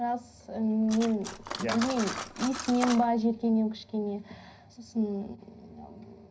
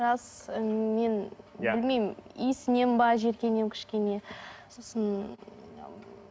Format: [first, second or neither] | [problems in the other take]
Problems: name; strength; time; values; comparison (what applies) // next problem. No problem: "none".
second | background sound (Cutlery, silverware); 12 dB below the speech // room echo; dies away in 0.5 s